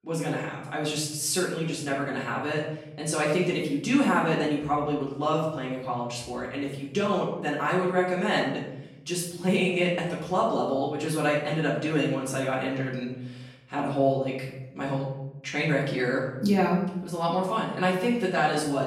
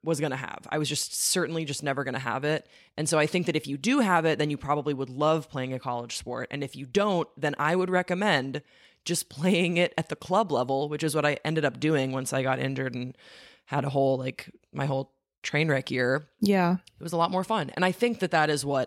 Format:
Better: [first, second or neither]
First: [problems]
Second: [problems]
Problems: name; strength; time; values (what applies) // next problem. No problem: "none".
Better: second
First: off-mic speech; far // room echo; noticeable; dies away in 0.8 s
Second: none